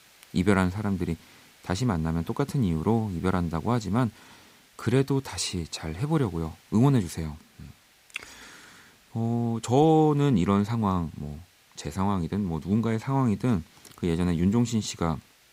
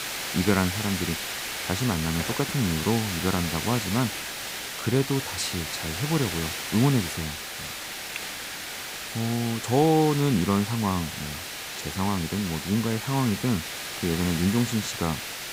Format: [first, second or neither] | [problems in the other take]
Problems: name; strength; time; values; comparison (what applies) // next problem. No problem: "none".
first | hiss; loud; throughout; 5 dB below the speech; faint in the first